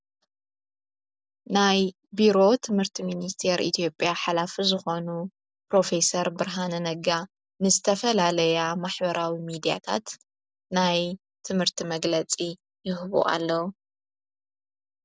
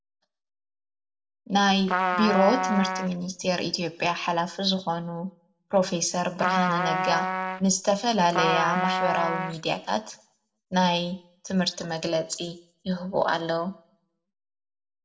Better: first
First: none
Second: background sound (Trumpet); 1 dB below the speech // room echo; dies away in 0.5 s

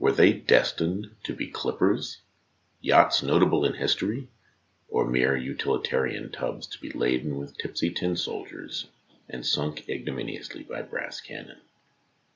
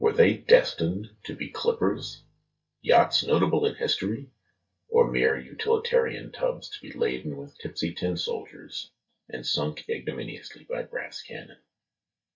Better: first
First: none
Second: noise reduction (neural mask model DeepFilterNet 3)

